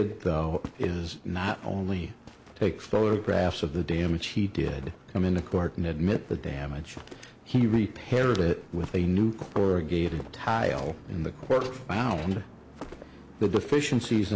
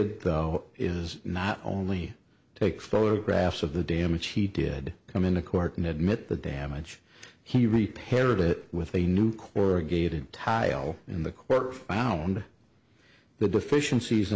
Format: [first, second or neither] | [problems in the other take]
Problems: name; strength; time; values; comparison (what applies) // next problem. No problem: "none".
second | background sound (Walk, footsteps); 16 dB below the speech